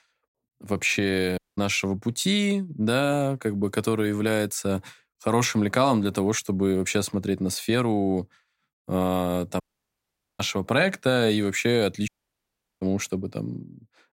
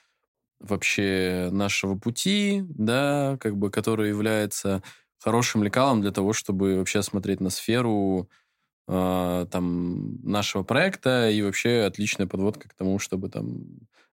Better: second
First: audio cutting out; at 1.5 s, at 9.5 s for 1 s and at 12 s for 0.5 s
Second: none

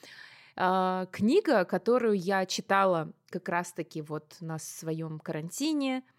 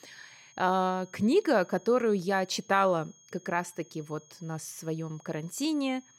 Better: first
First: none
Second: high-pitched whine; faint; throughout; 6.5 kHz, 25 dB below the speech

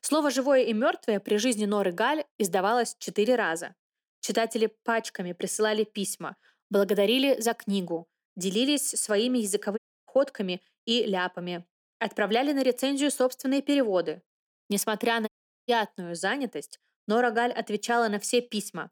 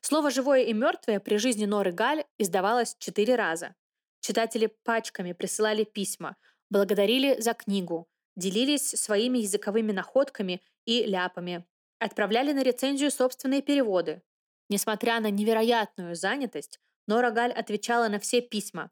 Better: second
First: audio cutting out; at 10 s and at 15 s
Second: none

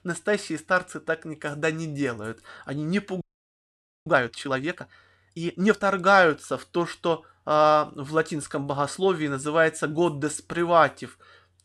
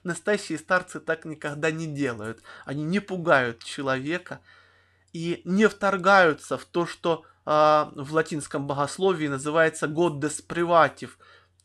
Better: second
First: audio freezing; at 3 s for 1 s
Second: none

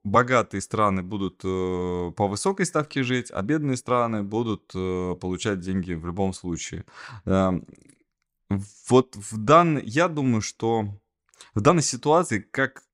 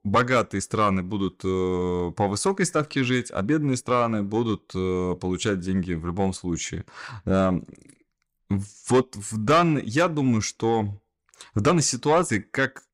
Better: first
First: none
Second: distortion; slight; 10 dB below the speech

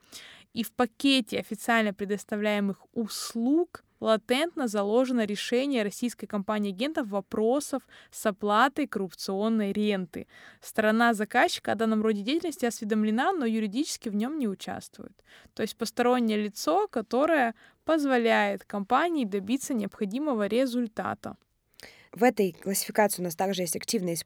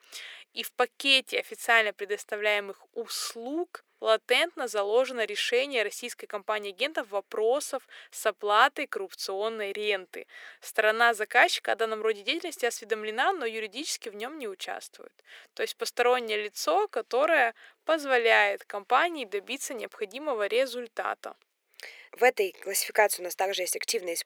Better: first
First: none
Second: thin; very; fading below 450 Hz

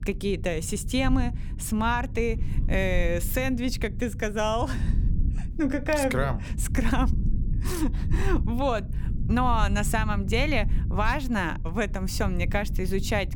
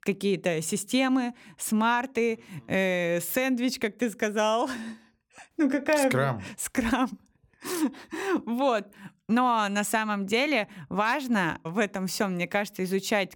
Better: second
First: low rumble; noticeable; throughout; 15 dB below the speech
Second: none

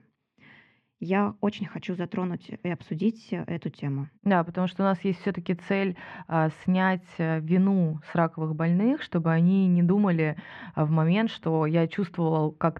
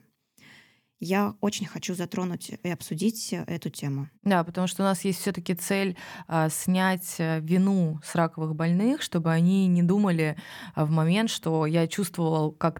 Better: second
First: muffled; very; fading above 2.5 kHz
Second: none

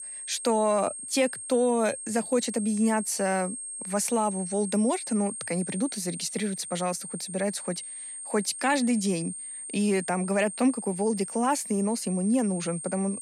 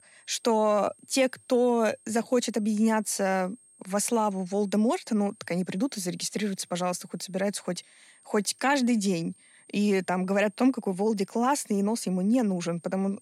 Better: second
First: high-pitched whine; loud; throughout; 8.5 kHz, 8 dB below the speech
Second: high-pitched whine; faint; throughout; 8.5 kHz, 30 dB below the speech

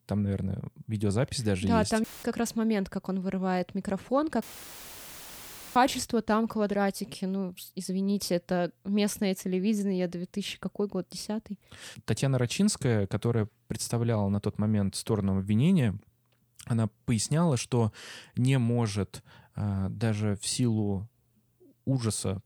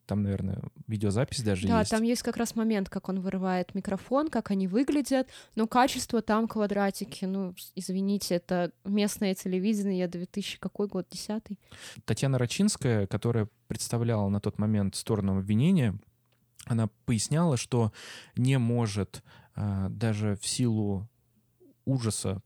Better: second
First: audio cutting out; filled with static; at 2 s and at 4.5 s for 1.5 s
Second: none

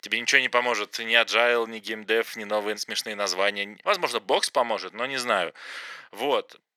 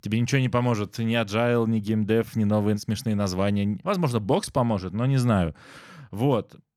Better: second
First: thin; very; fading below 450 Hz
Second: none

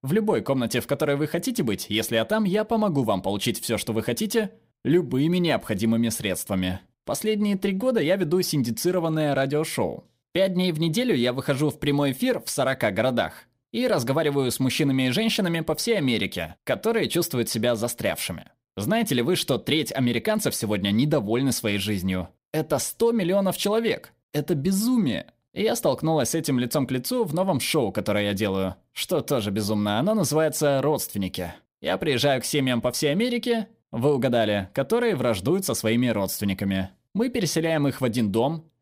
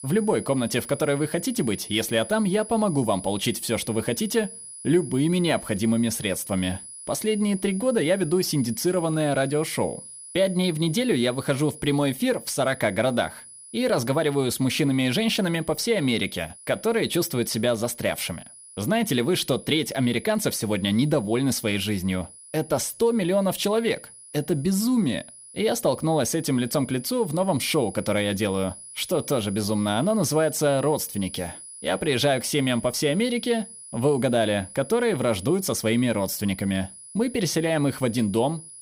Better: first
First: none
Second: high-pitched whine; noticeable; throughout; 10.5 kHz, 15 dB below the speech

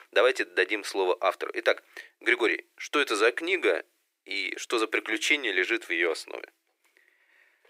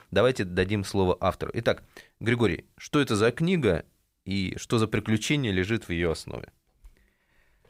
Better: second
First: thin; very; fading below 350 Hz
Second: none

